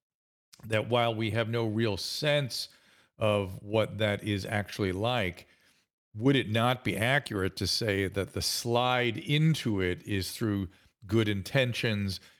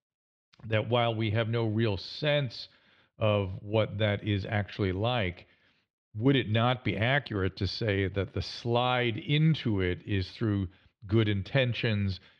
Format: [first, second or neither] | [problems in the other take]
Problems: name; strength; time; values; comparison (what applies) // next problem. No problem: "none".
first | muffled; very slightly; fading above 3.5 kHz